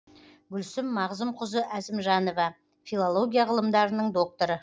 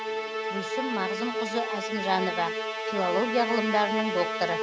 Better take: first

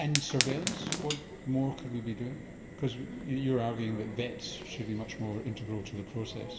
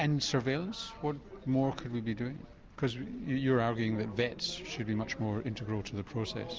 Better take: second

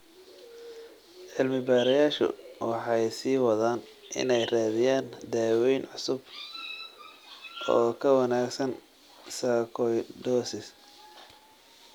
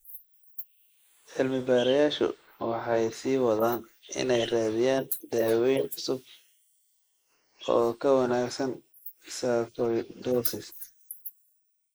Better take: first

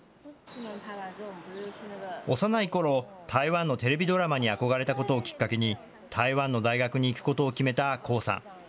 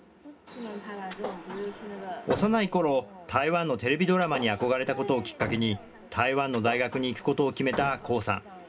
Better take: first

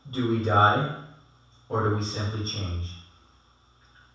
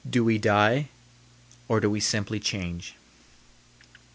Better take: second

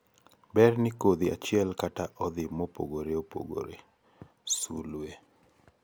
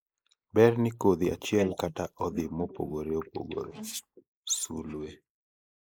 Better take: first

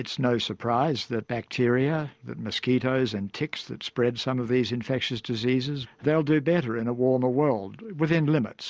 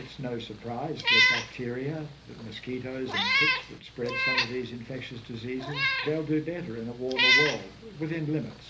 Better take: first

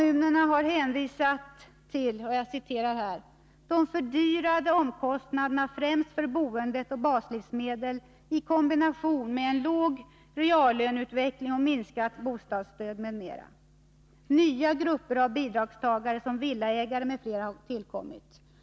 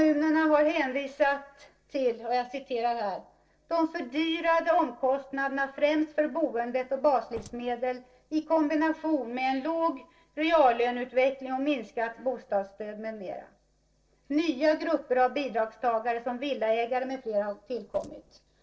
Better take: first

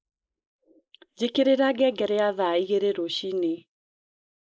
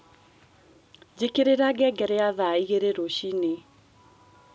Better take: second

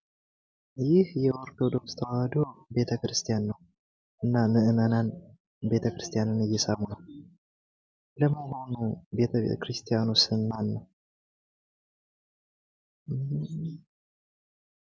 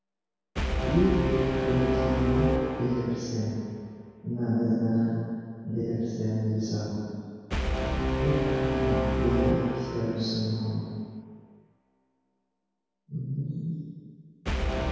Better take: first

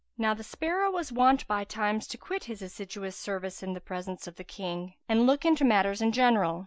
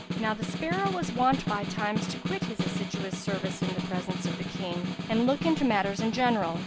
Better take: first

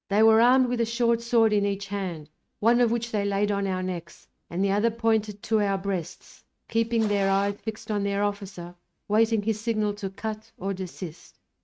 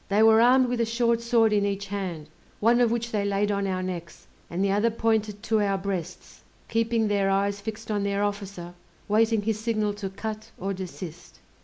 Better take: second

